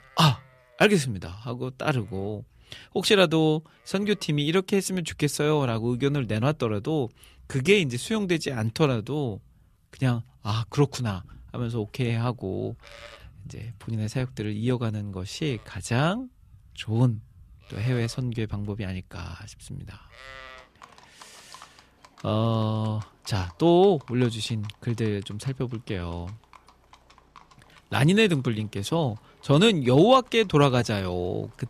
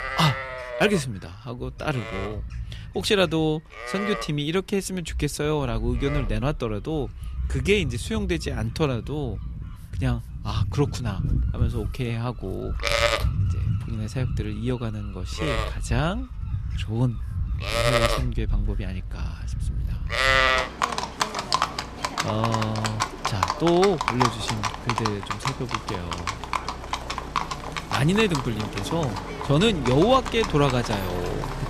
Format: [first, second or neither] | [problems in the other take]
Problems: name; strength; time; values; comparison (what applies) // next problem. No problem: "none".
first | animal sounds; loud; throughout; 2 dB below the speech; faint in the first